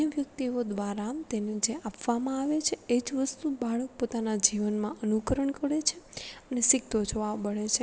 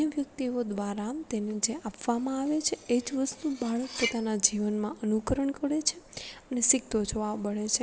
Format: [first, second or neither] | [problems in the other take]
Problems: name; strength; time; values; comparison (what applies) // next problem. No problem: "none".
first | background sound (Cutlery, silverware); 13 dB below the speech